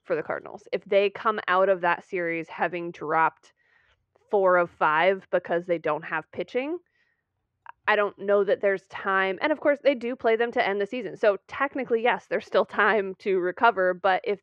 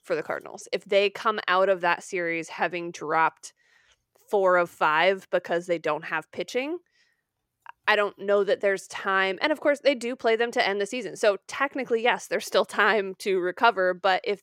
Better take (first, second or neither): second